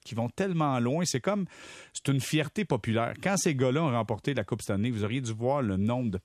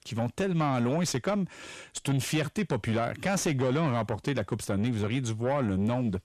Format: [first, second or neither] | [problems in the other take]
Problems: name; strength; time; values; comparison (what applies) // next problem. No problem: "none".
first | distortion; slight; 10 dB below the speech